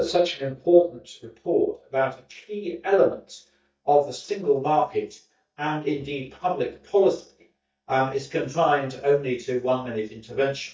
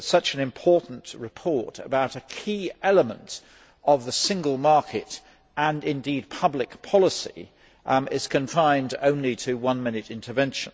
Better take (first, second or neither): second